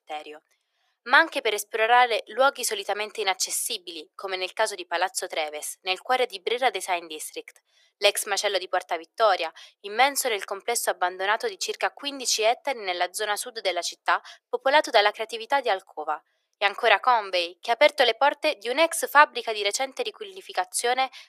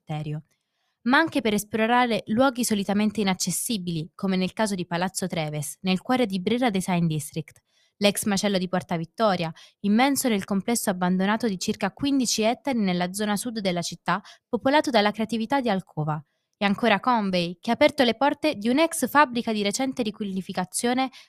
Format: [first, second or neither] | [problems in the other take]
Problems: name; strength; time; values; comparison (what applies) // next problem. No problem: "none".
second | thin; very; fading below 400 Hz